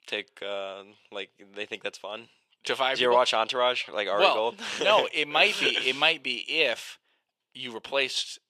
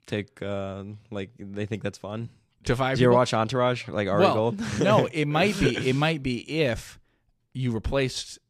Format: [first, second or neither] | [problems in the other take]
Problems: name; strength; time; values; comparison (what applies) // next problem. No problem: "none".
second | thin; very; fading below 550 Hz